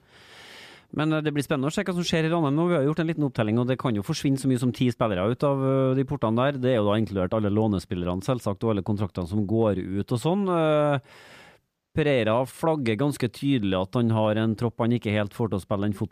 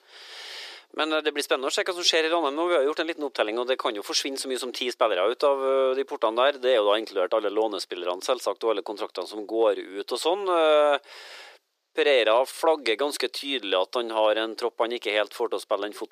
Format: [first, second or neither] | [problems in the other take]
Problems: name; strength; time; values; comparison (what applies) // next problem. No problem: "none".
first | thin; very; fading below 350 Hz